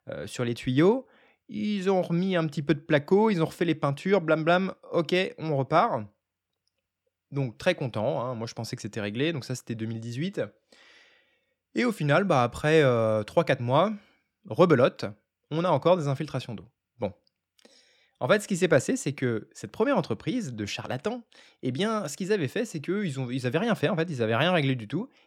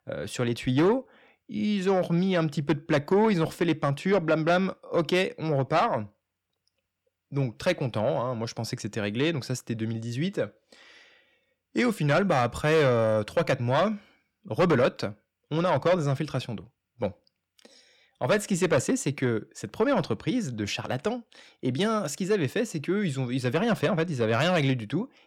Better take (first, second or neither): first